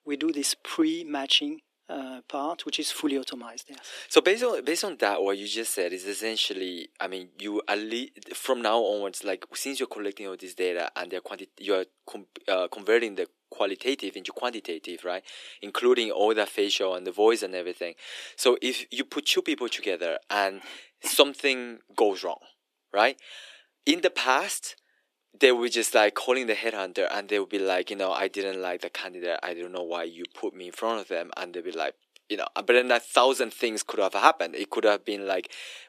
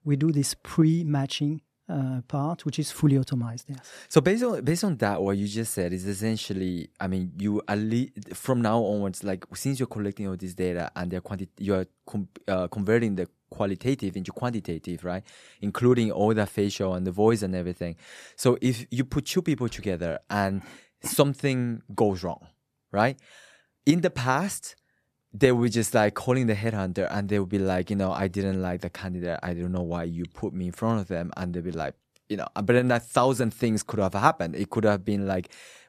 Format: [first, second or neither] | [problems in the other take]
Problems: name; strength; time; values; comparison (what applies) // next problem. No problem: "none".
second | thin; somewhat; fading below 300 Hz